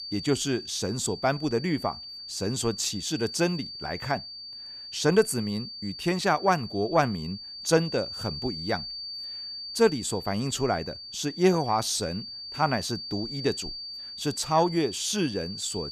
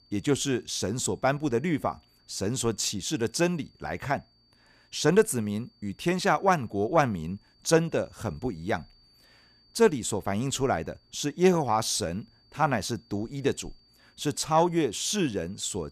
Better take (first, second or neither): second